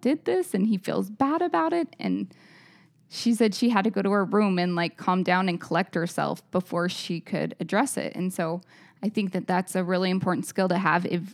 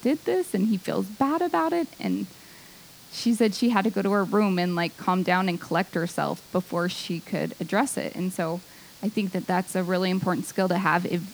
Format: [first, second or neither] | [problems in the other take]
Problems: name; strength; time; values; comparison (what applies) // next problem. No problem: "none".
first | hiss; faint; throughout; 20 dB below the speech